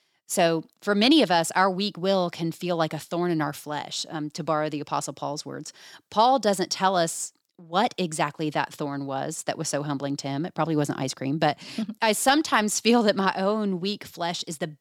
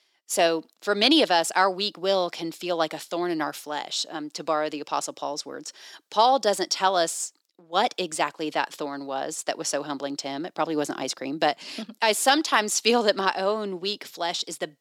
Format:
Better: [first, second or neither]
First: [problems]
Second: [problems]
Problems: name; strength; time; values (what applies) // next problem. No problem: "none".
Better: first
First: none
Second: thin; very slightly; fading below 350 Hz